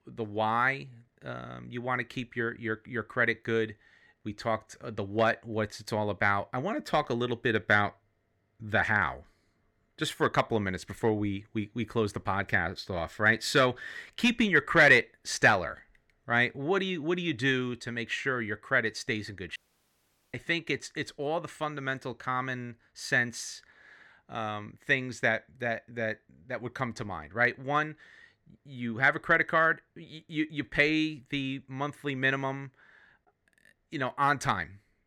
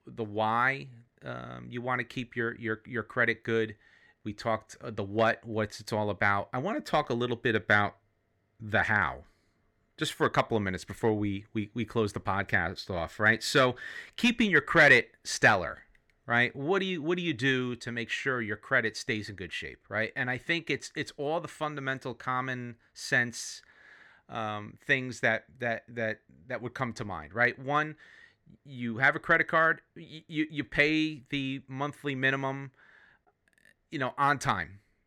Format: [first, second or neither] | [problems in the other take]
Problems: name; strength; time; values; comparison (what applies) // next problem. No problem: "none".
second | audio cutting out; at 20 s for 1 s